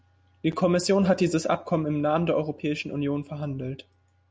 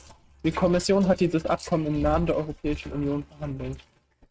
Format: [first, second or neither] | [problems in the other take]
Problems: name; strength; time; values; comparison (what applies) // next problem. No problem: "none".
first | noise reduction (neural mask model RNNoise)